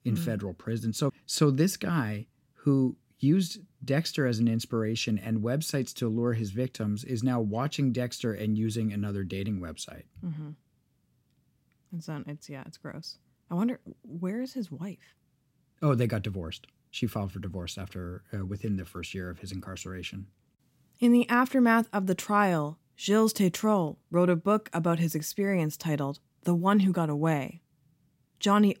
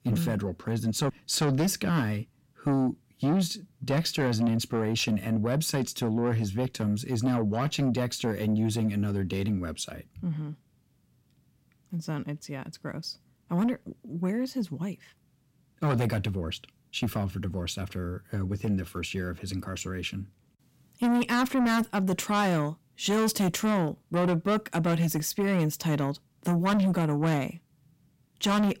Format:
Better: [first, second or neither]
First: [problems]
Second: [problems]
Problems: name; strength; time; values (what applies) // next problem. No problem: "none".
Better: first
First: none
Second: distortion; heavy; 8 dB below the speech